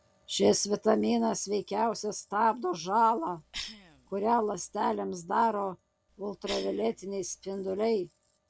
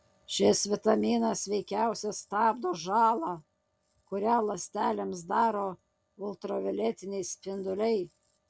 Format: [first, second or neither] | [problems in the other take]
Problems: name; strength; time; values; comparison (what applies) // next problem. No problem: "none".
second | background sound (Cough); 19 dB below the speech